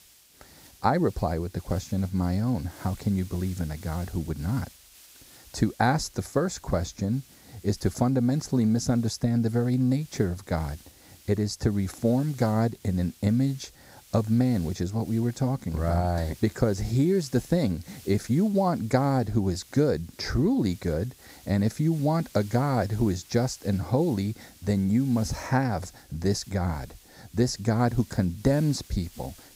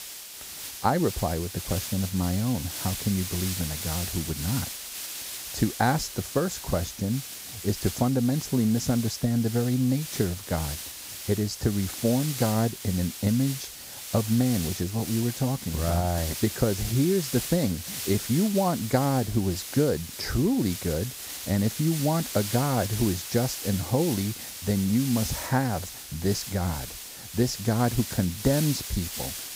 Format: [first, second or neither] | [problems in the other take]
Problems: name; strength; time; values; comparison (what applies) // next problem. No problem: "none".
first | hiss; loud; throughout; 7 dB below the speech; faint in the first